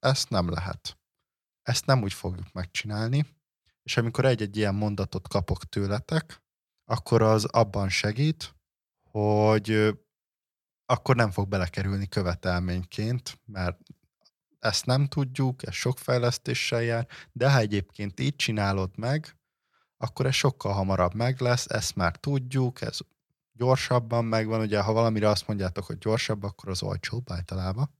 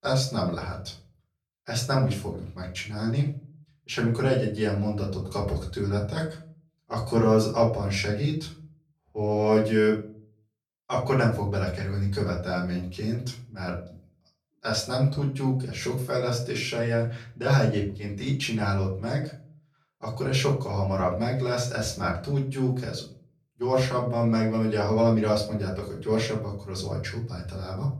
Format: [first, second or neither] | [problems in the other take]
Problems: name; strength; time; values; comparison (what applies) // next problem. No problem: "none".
first | room echo; slight; dies away in 0.4 s // off-mic speech; far